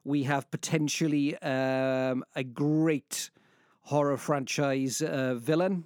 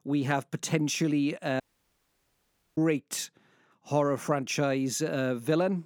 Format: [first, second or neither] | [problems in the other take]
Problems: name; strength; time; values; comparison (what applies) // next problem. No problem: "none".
first | audio cutting out; at 1.5 s for 1 s